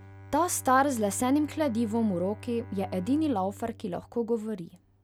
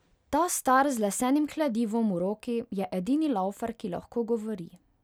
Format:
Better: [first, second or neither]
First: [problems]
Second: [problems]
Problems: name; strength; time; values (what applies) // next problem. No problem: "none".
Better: second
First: background sound (Bowed string instrument); 17 dB below the speech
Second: none